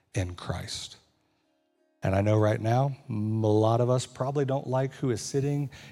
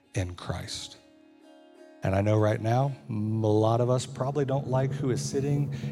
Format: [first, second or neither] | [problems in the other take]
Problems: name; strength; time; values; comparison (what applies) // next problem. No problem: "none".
first | background music; loud; throughout; 9 dB below the speech; faint in the first